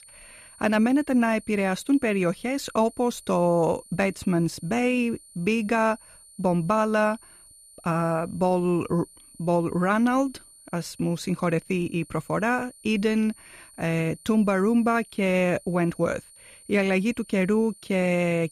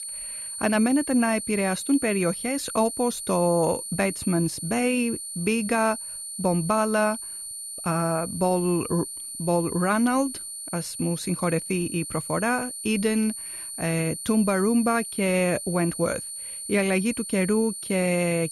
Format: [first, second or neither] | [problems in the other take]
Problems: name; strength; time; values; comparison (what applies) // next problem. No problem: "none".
first | high-pitched whine; loud; throughout; 9 kHz, 7 dB below the speech; faint in the first